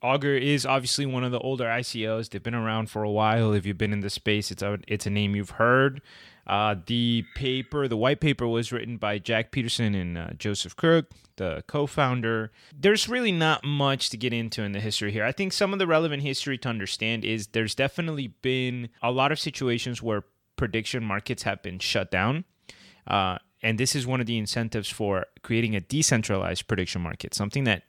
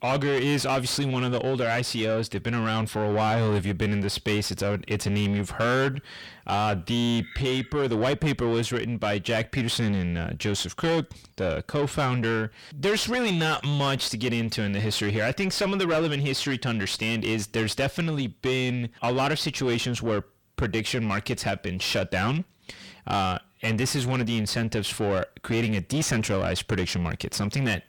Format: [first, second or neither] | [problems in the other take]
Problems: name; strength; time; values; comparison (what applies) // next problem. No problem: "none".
first | distortion; heavy; 7 dB below the speech